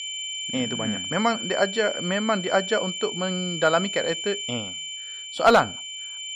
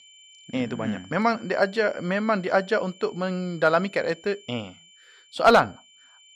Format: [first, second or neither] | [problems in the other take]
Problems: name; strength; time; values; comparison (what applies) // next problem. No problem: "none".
second | high-pitched whine; loud; throughout; 3 kHz, 6 dB below the speech; faint in the second